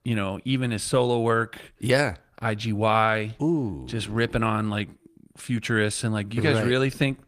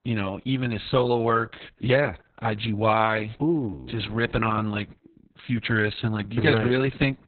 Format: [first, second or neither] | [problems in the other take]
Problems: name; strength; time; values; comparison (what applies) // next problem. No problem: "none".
first | garbled, watery; badly; nothing above 4 kHz; slightly in the first